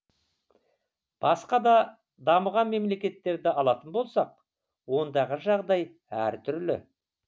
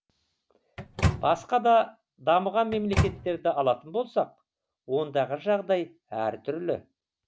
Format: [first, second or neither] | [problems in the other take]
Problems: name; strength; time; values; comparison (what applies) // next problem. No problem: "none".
first | background sound (Microwave oven); 1 dB below the speech